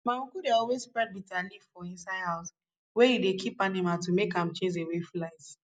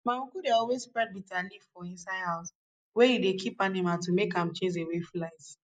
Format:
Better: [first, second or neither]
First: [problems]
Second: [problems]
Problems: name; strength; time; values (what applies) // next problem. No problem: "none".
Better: first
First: none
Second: noise reduction (neural mask model Resemble Enhance denoiser)